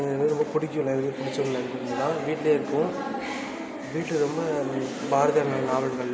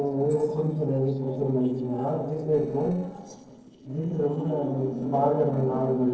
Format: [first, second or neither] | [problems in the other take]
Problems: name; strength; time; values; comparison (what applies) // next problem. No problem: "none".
first | noise reduction (neural separator model SepFormer DNS4)